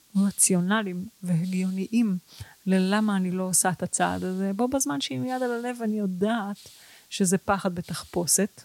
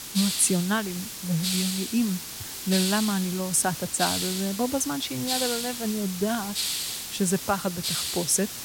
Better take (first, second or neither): first